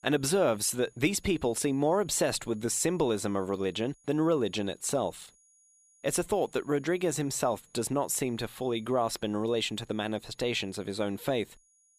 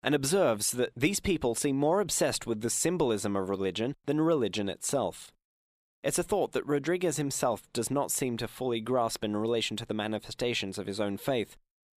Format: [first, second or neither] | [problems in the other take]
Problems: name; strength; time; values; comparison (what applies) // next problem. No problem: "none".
second | high-pitched whine; faint; throughout; 6.5 kHz, 30 dB below the speech